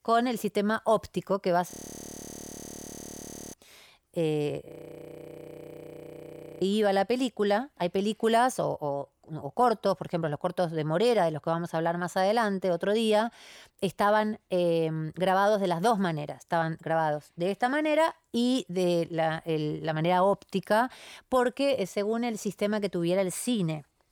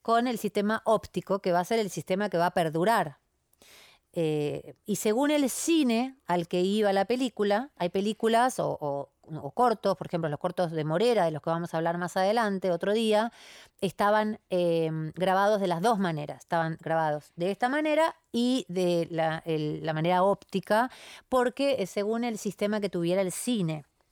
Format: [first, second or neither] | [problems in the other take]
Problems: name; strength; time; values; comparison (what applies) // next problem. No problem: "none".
second | audio freezing; at 1.5 s for 2 s and at 4.5 s for 2 s